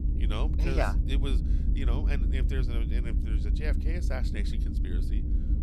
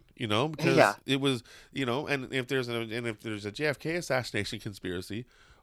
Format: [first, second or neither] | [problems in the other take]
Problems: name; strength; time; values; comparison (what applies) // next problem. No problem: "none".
second | low rumble; loud; throughout; 6 dB below the speech